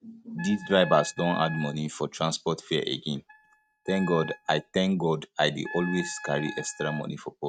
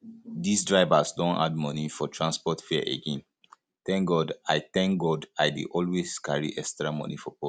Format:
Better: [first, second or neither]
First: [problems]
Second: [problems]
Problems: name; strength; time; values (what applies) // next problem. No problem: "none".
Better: second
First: noise reduction (neural mask model RNNoise)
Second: none